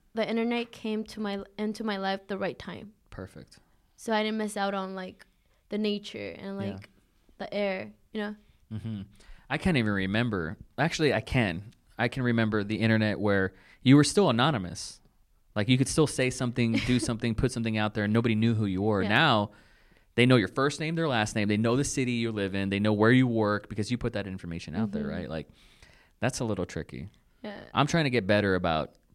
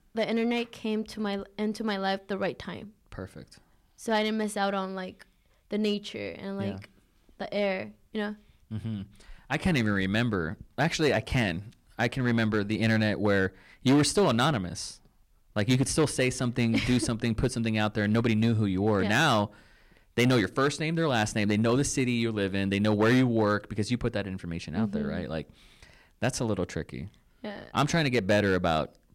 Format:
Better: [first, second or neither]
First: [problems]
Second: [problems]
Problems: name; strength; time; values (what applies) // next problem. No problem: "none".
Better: first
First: none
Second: distortion; slight; 4% of the sound clipped